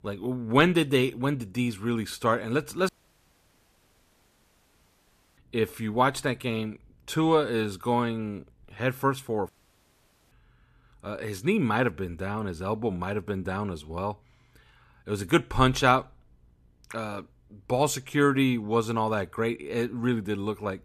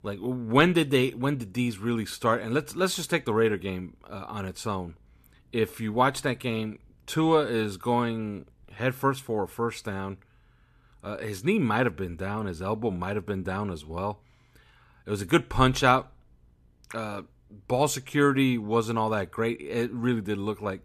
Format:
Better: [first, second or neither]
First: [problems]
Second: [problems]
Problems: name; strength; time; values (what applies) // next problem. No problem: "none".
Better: second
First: audio cutting out; at 3 s for 2.5 s and at 9.5 s for 1 s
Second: none